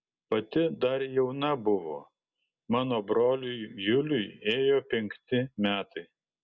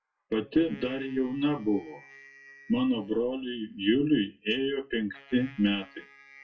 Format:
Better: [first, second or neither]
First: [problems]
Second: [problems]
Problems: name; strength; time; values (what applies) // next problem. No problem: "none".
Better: first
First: none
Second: noise reduction (classical method WPE with log-MMSE)